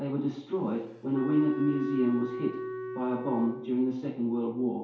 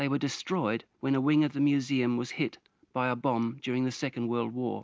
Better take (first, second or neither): second